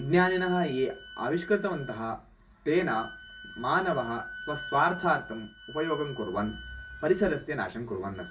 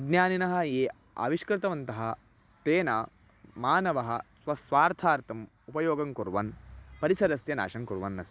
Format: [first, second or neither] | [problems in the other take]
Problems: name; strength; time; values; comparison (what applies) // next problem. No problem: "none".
second | background sound (Wind instrument, woodwind instrument); 15 dB below the speech // room echo; dies away in 0.2 s